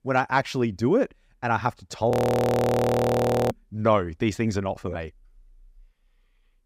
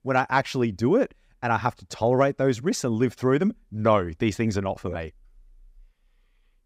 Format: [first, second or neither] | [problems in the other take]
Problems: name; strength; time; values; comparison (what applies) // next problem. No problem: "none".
second | audio freezing; at 2 s for 1.5 s